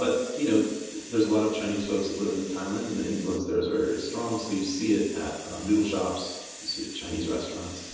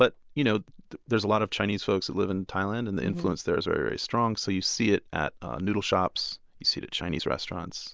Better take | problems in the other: second | background sound (Hiss); 16 dB below the speech // room echo; dies away in 1.1 s

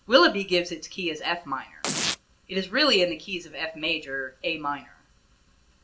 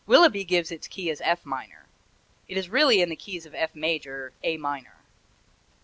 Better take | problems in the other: second | background sound (Domestic sounds, home sounds); 5 dB below the speech // room echo; dies away in 0.3 s

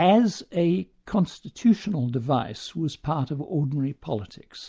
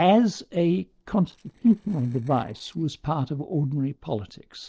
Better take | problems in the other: first | noise reduction (neural separator model SepFormer DNS4)

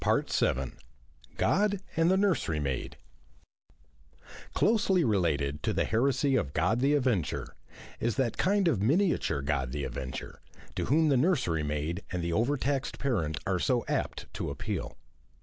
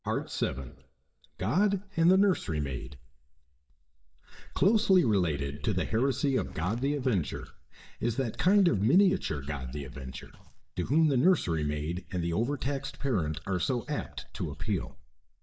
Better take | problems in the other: first | noise reduction (neural mask model DeepFilterNet 3)

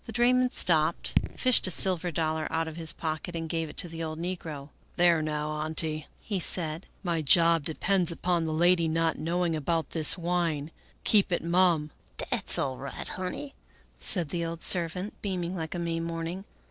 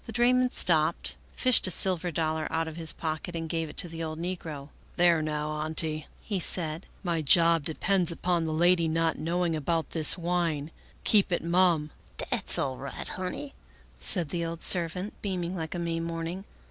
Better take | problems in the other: second | noise reduction (neural separator model SepFormer DNS4)

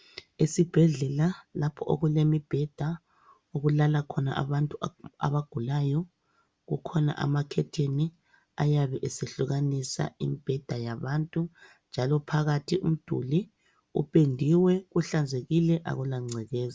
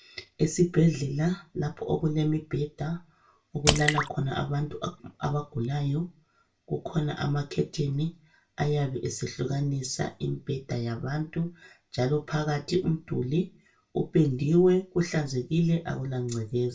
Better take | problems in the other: first | background sound (Drip / Splash, splatter); 4 dB below the speech // room echo; dies away in 0.2 s

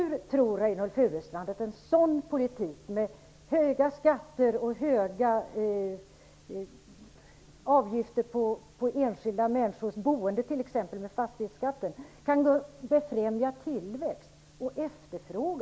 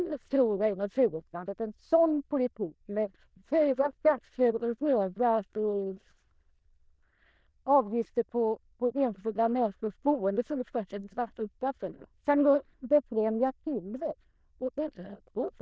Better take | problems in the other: first | noise reduction (neural diffusion model UNIVERSE++)

